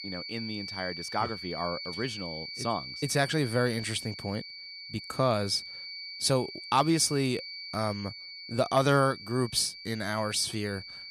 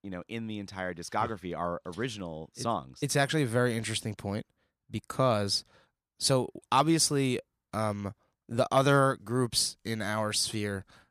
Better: second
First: high-pitched whine; loud; throughout; 4.5 kHz, 9 dB below the speech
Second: none

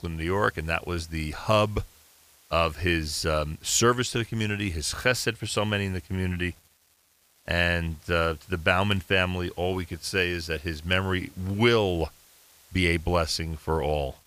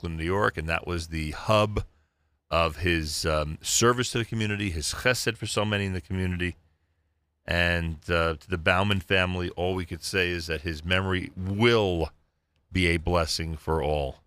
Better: second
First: hiss; faint; throughout; 30 dB below the speech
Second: none

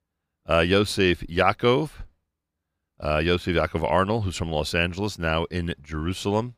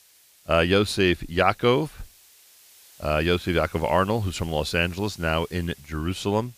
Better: first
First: none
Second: hiss; faint; throughout; 25 dB below the speech

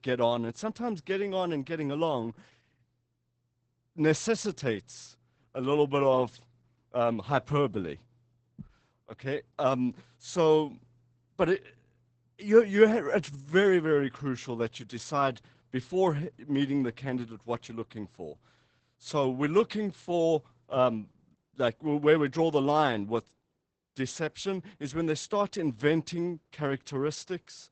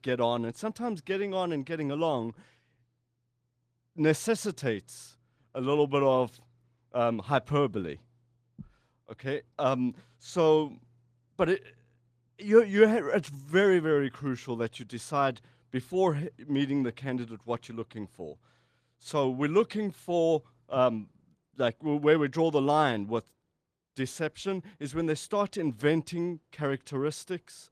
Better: second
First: garbled, watery; badly; nothing above 8 kHz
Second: garbled, watery; slightly; nothing above 14.5 kHz

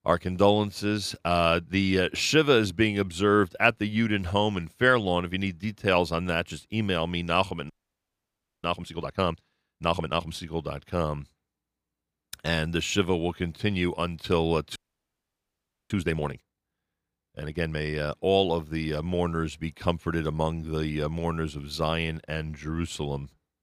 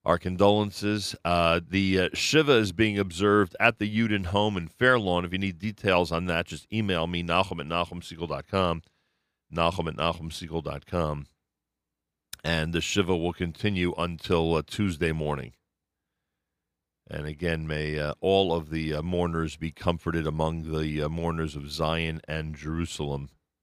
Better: second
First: audio freezing; at 7.5 s for 1 s and at 15 s for 1 s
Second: none

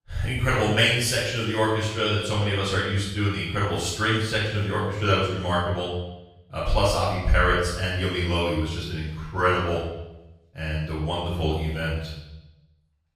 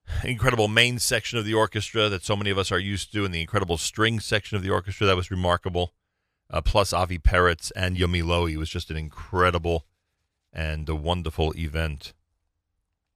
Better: second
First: room echo; noticeable; dies away in 0.8 s // off-mic speech; far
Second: none

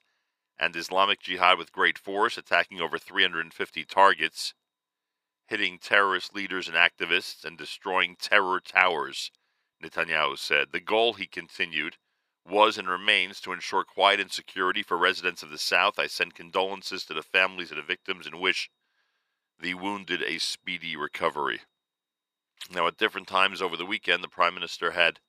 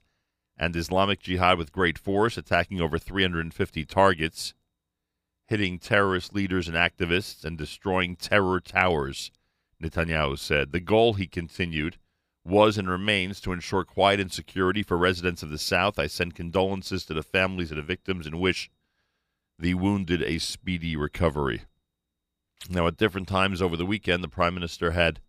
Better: second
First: thin; very; fading below 400 Hz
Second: none

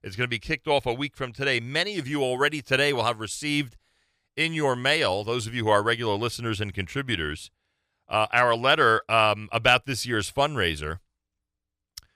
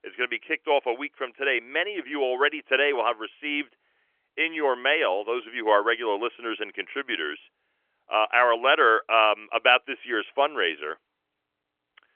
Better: first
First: none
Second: phone-call audio; nothing above 3 kHz

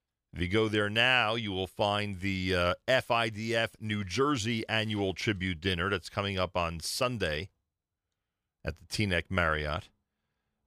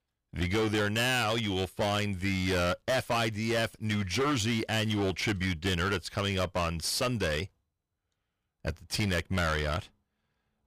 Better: first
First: none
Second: distortion; heavy; 15% of the sound clipped

